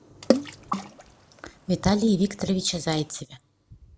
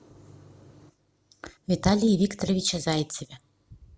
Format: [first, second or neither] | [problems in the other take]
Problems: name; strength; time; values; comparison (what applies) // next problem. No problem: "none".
second | background sound (Water / Splash, splatter); 4 dB below the speech